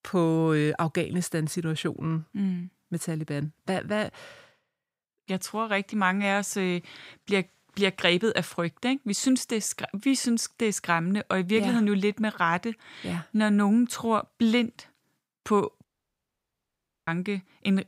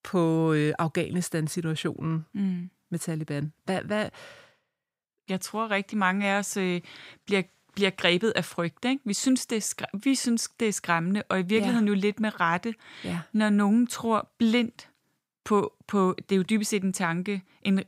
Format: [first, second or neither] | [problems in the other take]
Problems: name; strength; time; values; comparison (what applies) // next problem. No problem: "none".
second | audio cutting out; at 16 s for 1 s